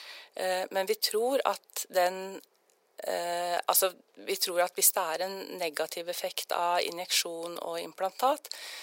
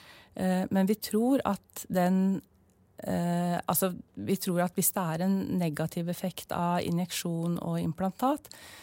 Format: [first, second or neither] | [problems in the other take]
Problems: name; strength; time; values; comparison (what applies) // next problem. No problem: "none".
second | thin; very; fading below 450 Hz